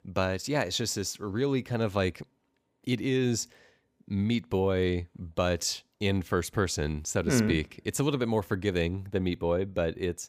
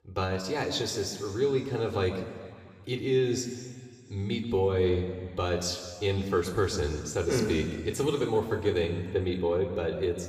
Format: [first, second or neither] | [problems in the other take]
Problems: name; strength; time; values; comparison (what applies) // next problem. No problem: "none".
first | room echo; slight; dies away in 2 s